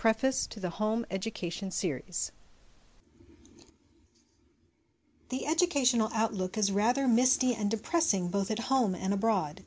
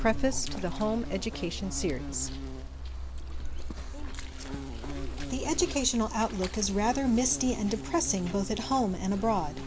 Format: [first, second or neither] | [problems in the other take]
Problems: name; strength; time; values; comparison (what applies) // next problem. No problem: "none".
first | background sound (Insect); 5 dB below the speech